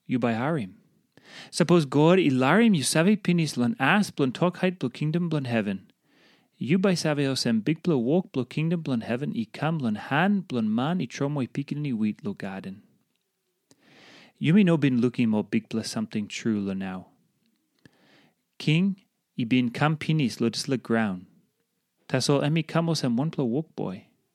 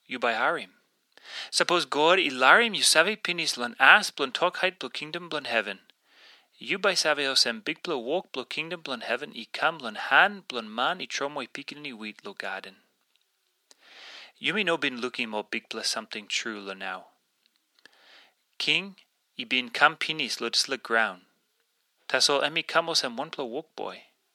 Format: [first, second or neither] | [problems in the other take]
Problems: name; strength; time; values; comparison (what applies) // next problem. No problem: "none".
first | thin; very; fading below 650 Hz